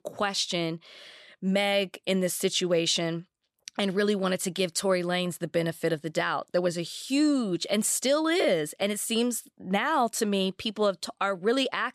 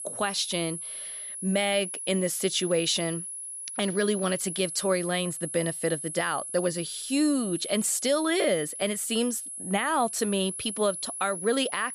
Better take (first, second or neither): first